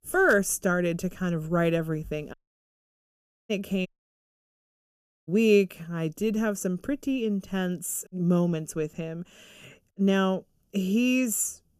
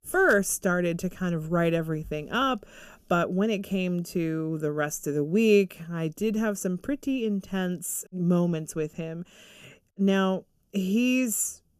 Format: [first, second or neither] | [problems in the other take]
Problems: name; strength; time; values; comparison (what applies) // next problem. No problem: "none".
second | audio cutting out; at 2.5 s for 1 s and at 4 s for 1.5 s